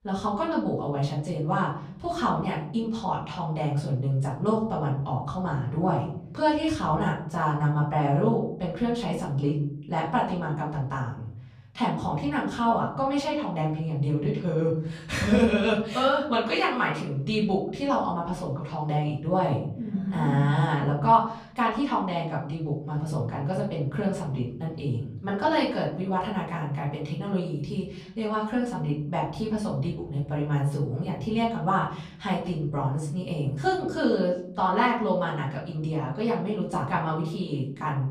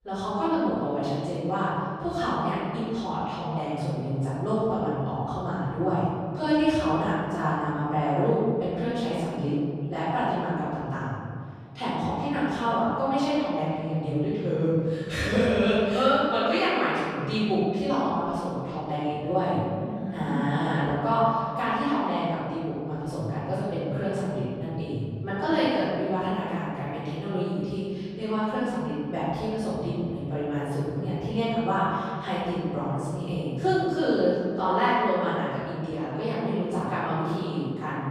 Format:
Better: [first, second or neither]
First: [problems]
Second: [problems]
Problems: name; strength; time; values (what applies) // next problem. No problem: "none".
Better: first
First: room echo; slight; dies away in 0.9 s // off-mic speech; far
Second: room echo; strong; dies away in 2 s // off-mic speech; far